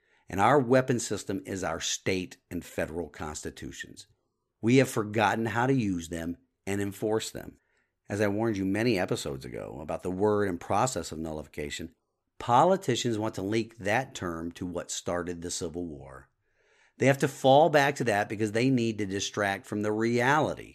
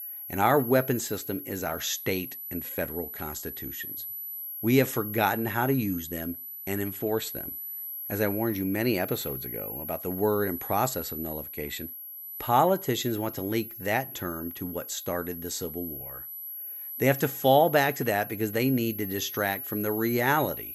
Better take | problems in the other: first | high-pitched whine; loud; throughout; 12 kHz, 8 dB below the speech

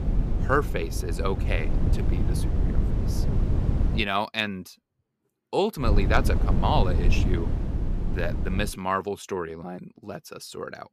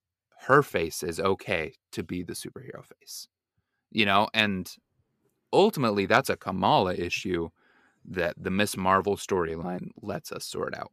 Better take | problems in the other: second | wind noise on the microphone; heavy; until 4 s and from 6 to 8.5 s; 10 dB below the speech

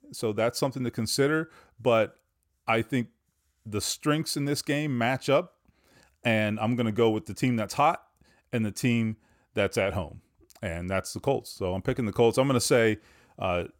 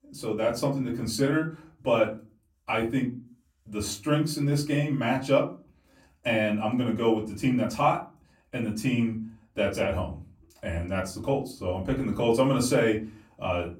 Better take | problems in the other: first | off-mic speech; far // room echo; very slight; dies away in 0.3 s

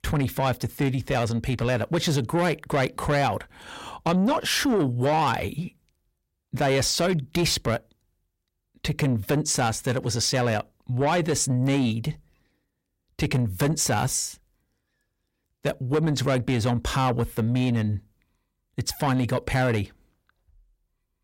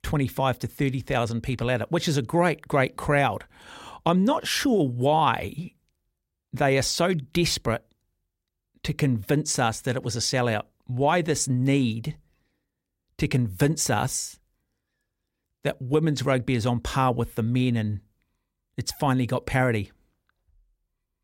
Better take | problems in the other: second | distortion; slight; 10 dB below the speech

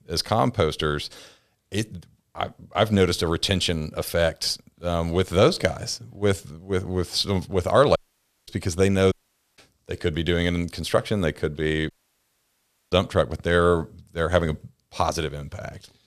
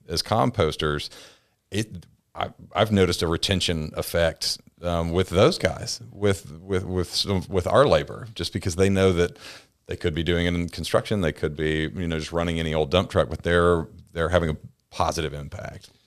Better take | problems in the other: second | audio cutting out; at 8 s for 0.5 s, at 9 s and at 12 s for 1 s

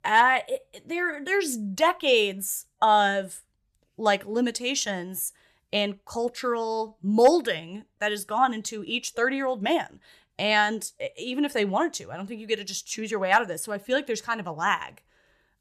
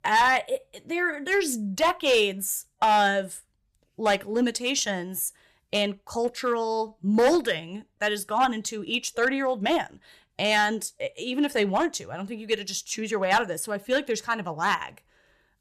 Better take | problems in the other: first | distortion; slight; 3% of the sound clipped

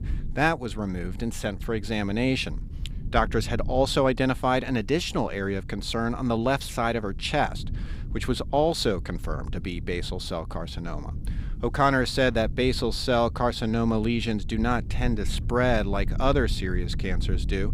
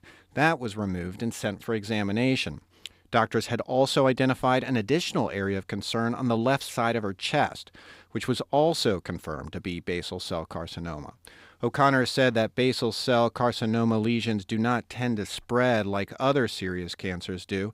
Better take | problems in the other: second | low rumble; faint; throughout; 20 dB below the speech

